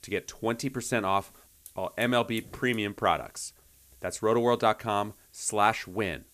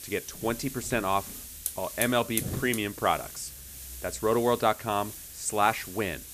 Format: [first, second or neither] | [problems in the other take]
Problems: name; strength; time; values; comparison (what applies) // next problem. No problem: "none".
first | hiss; loud; throughout; 8 dB below the speech; faint in the first